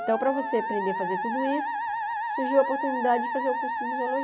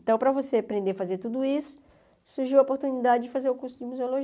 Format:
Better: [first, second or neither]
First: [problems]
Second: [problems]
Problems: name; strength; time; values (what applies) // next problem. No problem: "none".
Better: second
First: background sound (Musical instrument); 2 dB below the speech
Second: none